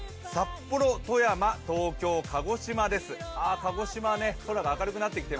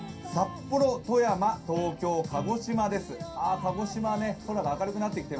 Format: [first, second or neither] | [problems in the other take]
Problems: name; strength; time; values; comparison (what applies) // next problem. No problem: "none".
first | background sound (Guitar); 16 dB below the speech // room echo; dies away in 0.3 s